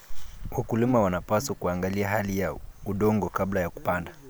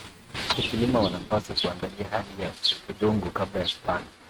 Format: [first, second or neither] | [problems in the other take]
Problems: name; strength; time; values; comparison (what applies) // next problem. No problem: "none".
first | noise reduction (neural mask model RNNoise)